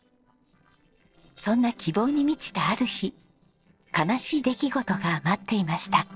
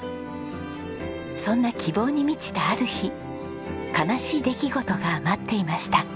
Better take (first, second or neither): second